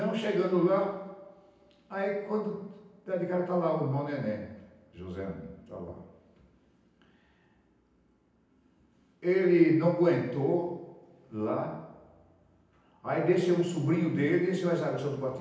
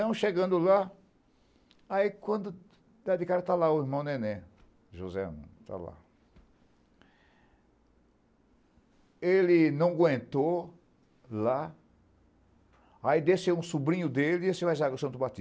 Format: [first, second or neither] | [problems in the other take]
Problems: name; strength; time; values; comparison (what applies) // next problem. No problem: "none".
second | room echo; dies away in 0.9 s